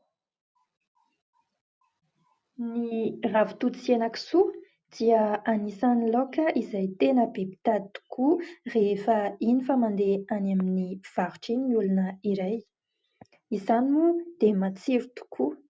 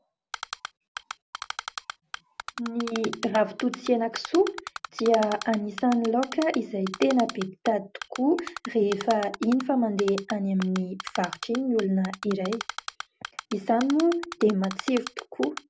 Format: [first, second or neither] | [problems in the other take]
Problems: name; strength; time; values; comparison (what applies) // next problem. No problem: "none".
first | background sound (Typing); 12 dB below the speech